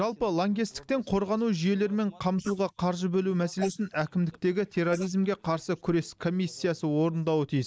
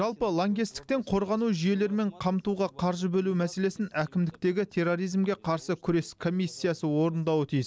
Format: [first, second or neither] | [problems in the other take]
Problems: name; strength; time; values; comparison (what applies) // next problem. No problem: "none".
second | noise reduction (neural mask model Resemble Enhance denoiser)